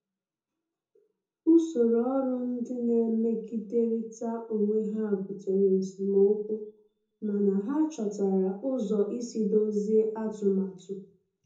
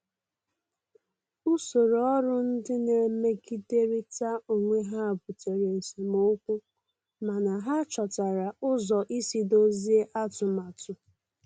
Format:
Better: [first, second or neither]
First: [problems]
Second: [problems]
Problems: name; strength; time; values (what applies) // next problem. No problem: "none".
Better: second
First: room echo; dies away in 0.5 s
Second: none